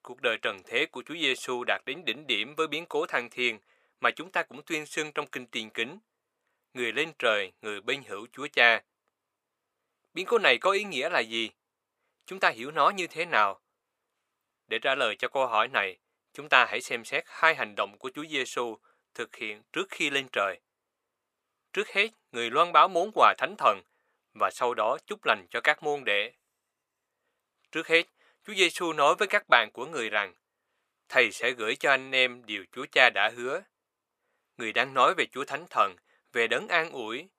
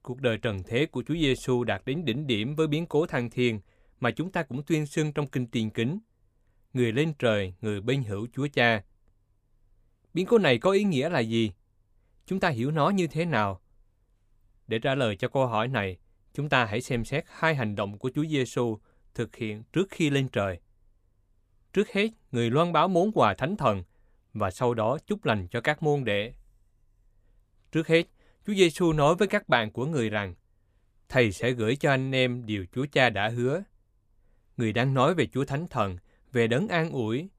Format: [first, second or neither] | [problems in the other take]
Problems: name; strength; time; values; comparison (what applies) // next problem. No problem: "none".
second | thin; very; fading below 550 Hz